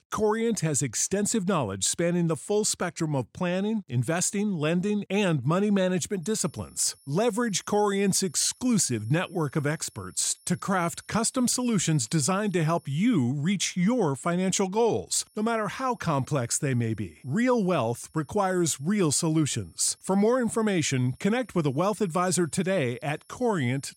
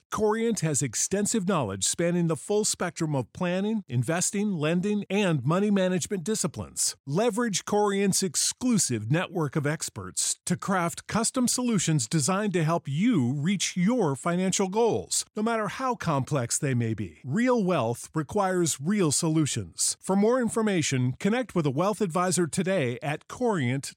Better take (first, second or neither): second